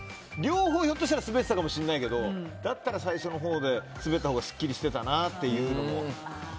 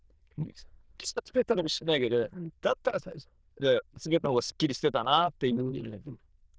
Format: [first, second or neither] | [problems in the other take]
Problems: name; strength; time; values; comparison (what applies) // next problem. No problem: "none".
first | noise reduction (neural diffusion model UNIVERSE++)